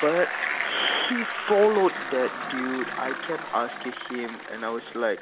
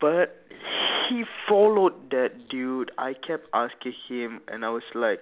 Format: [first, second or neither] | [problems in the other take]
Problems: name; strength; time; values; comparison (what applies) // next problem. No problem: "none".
second | background sound (Bicycle); 6 dB below the speech